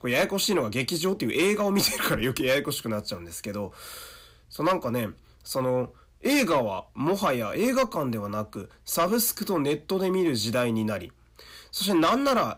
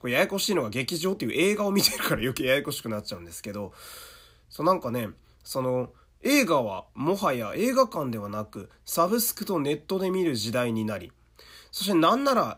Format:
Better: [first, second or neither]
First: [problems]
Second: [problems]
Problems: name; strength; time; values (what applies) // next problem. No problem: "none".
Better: second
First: distortion; slight; 10 dB below the speech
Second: none